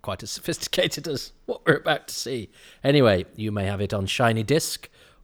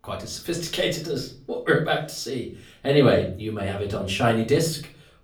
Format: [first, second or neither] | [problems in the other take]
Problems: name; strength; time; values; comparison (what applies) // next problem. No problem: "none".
first | room echo; slight; dies away in 0.4 s // off-mic speech; far